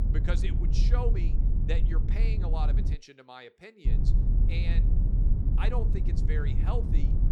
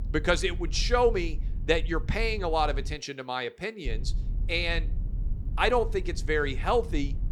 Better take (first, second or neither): second